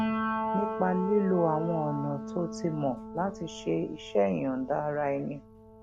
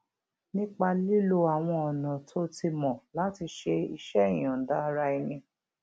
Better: second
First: background sound (Piano); 6 dB below the speech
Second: none

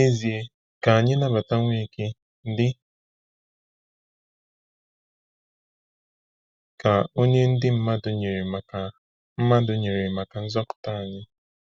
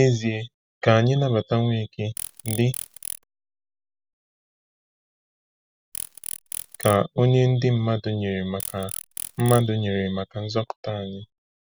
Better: first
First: none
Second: background sound (Insect); 12 dB below the speech

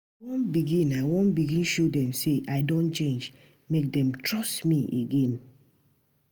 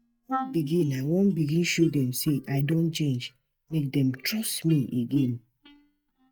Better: first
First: none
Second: noise reduction (neural mask model DeepFilterNet 3)

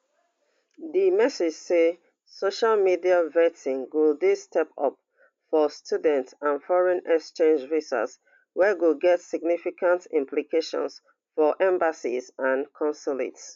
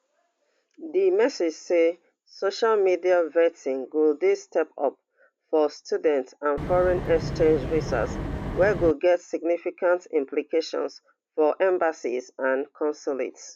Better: first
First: none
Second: background sound (Wind); 6 dB below the speech

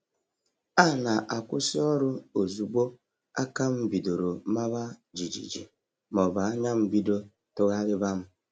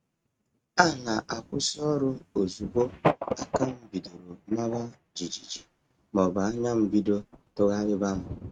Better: first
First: none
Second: noise reduction (neural mask model RNNoise)

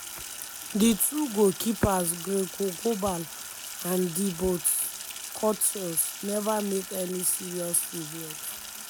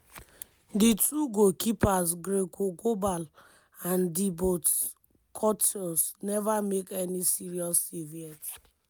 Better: second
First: background sound (Sink (filling or washing)); 10 dB below the speech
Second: none

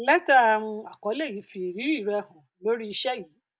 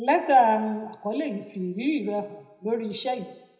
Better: first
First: none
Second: room echo; dies away in 0.7 s

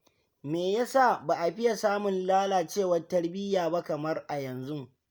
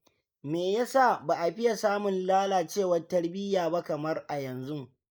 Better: first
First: none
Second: noise reduction (neural mask model Resemble Enhance denoiser)

